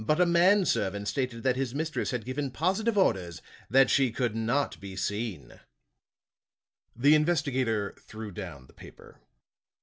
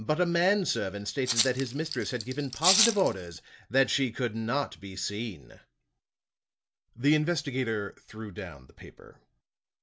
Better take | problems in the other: first | background sound (Rattle (instrument)); as loud as the speech

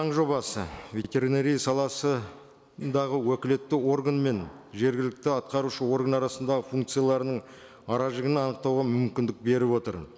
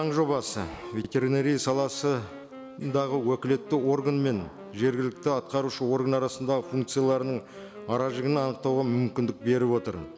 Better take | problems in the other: first | background sound (Wind instrument, woodwind instrument); 18 dB below the speech

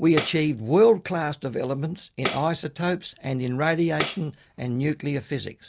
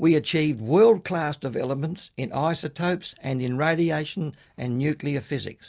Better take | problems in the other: second | background sound (Tambourine); 12 dB below the speech

